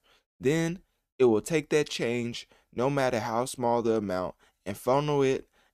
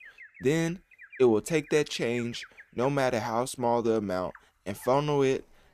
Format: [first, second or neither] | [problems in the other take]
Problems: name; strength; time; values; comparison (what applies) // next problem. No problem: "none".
first | animal sounds; faint; throughout; 20 dB below the speech